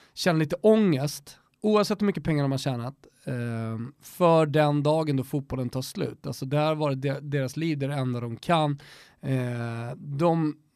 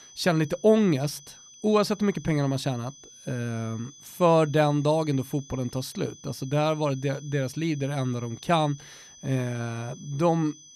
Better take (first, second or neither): first